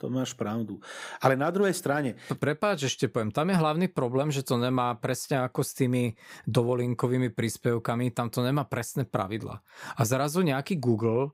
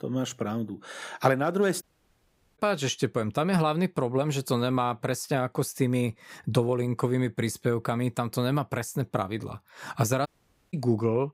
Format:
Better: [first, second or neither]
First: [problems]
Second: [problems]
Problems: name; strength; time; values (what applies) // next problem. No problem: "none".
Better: first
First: none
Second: audio cutting out; at 2 s for 1 s and at 10 s